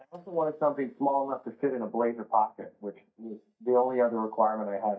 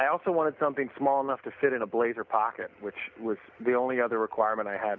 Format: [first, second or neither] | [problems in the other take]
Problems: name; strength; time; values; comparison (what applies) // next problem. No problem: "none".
second | noise reduction (neural mask model DeepFilterNet 3)